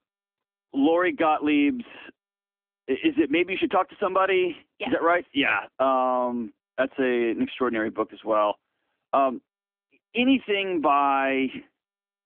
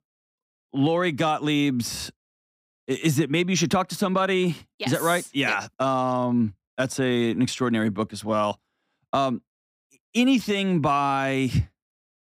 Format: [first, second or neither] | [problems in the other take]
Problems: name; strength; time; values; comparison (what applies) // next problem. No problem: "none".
second | phone-call audio; nothing above 3.5 kHz